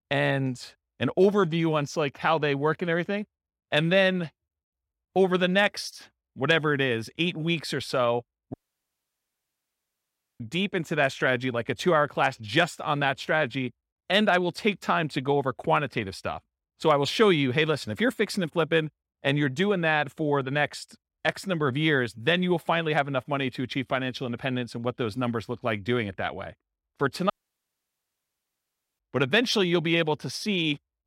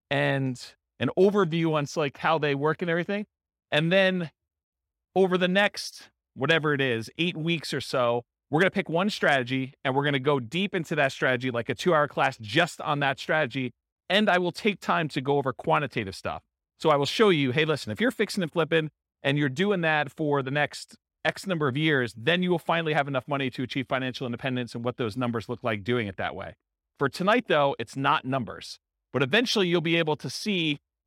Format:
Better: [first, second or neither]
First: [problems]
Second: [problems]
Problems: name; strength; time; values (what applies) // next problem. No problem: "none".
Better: second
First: audio cutting out; at 8.5 s for 2 s and at 27 s for 1.5 s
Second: none